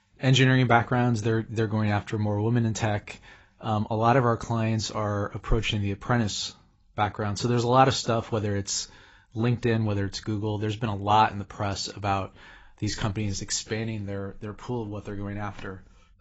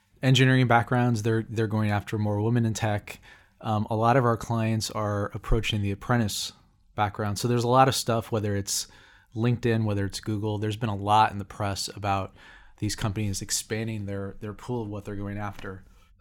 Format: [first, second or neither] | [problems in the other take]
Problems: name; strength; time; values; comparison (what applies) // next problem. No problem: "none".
second | garbled, watery; badly; nothing above 7.5 kHz